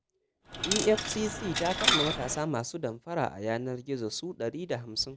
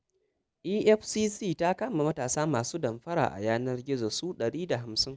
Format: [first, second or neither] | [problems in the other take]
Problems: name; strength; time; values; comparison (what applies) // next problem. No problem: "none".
second | background sound (Coin (dropping)); 1 dB above the speech